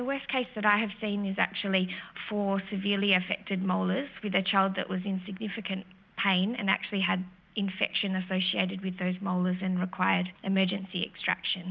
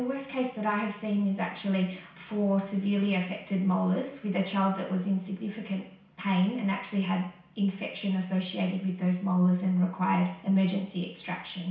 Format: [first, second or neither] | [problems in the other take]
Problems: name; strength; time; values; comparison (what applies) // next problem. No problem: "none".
first | room echo; dies away in 0.6 s